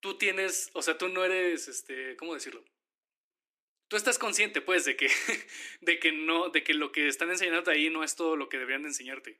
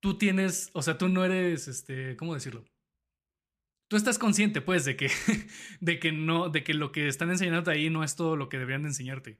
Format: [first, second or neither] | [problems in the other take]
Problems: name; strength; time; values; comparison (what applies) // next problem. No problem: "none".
second | thin; very; fading below 300 Hz